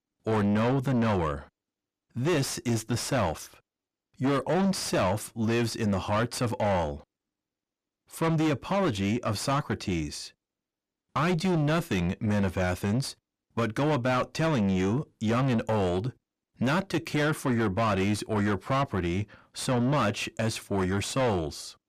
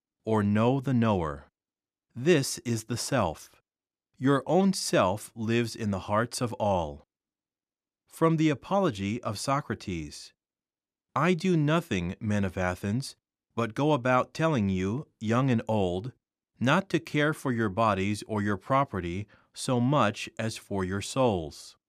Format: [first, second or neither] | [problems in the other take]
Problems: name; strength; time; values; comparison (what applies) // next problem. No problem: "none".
second | distortion; heavy; 7 dB below the speech